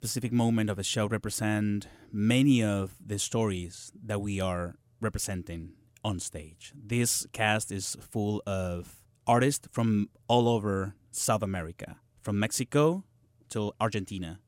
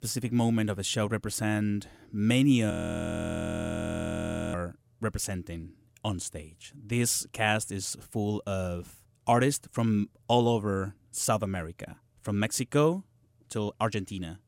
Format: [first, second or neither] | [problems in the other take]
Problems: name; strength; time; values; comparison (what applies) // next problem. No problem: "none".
first | audio freezing; at 2.5 s for 2 s